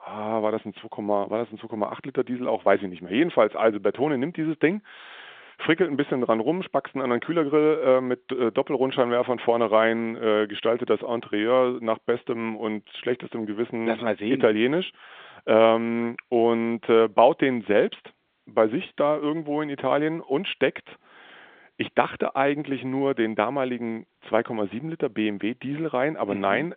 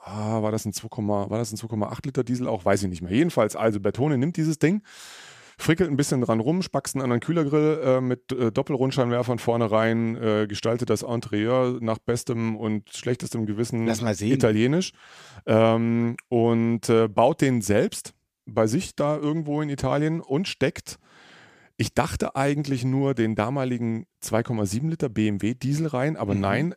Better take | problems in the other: second | phone-call audio; nothing above 3.5 kHz

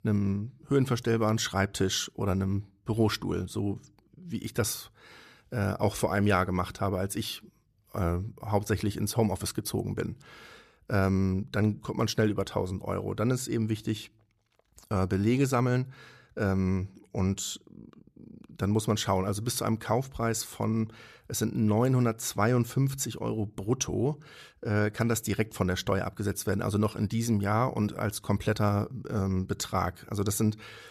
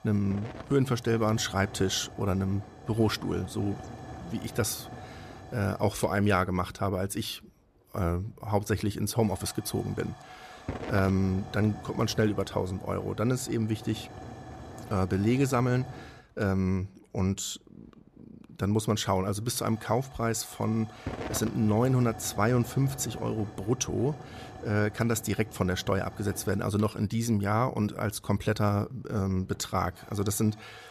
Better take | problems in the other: first | hiss; noticeable; throughout; 15 dB below the speech

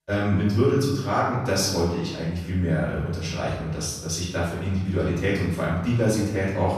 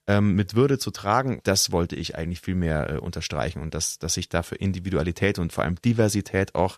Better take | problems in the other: second | off-mic speech; far // room echo; noticeable; dies away in 1 s

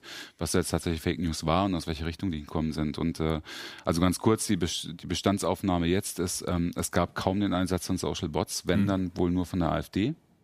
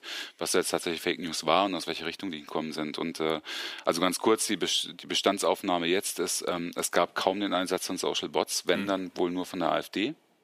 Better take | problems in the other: first | thin; somewhat; fading below 400 Hz

